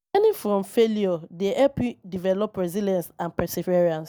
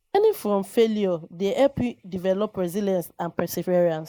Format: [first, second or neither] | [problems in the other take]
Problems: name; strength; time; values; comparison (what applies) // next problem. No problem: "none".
first | noise reduction (neural mask model Resemble Enhance denoiser)